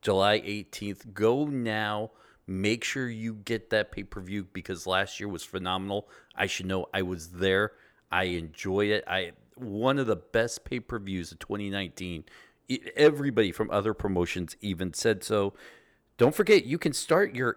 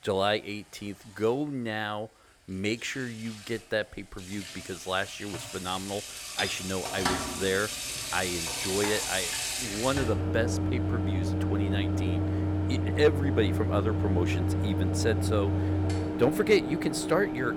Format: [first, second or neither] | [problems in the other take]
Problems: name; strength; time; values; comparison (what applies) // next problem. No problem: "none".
first | household noises; very loud; throughout; 1 dB above the speech